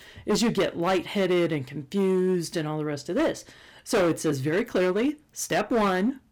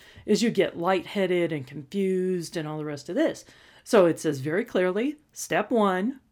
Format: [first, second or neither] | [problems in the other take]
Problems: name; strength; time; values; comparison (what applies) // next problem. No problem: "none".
second | distortion; heavy; 12% of the sound clipped